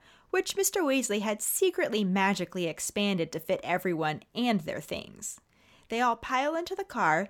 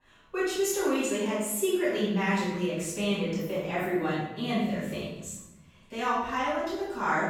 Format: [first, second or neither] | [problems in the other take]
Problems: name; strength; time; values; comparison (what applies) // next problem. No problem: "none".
first | off-mic speech; far // room echo; strong; dies away in 1.1 s